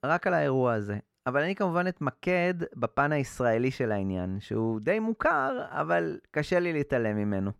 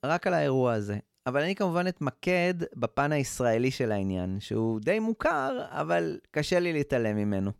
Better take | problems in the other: second | muffled; slightly; fading above 3 kHz

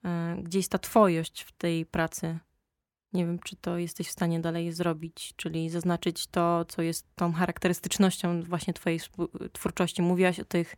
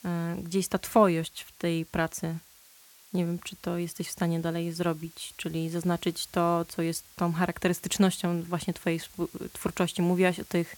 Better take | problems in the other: first | hiss; faint; throughout; 20 dB below the speech

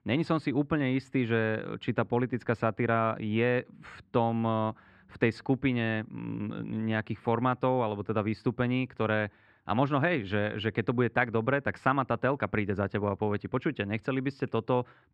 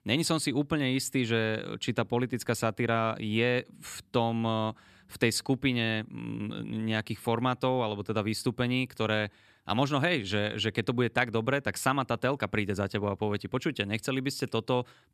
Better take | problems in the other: second | muffled; very; fading above 1.5 kHz

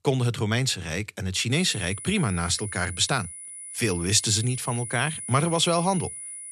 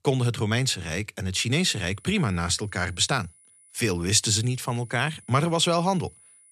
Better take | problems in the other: second | high-pitched whine; loud; from 1.5 s on; 10 kHz, 10 dB below the speech; faint in the second

